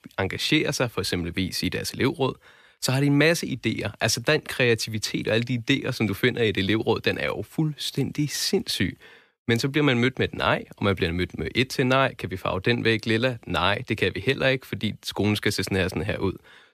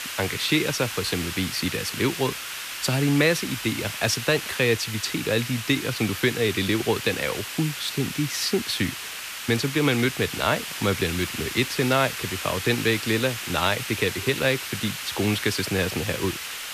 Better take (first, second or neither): first